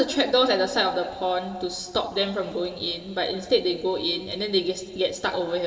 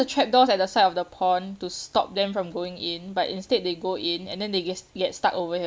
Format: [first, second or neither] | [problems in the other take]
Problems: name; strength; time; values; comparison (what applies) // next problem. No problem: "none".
second | room echo; dies away in 2.4 s